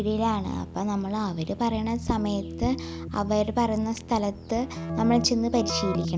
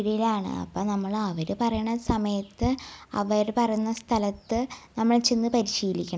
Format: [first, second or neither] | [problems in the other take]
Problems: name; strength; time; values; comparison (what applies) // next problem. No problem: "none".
second | background sound (Keyboard (musical)); 8 dB below the speech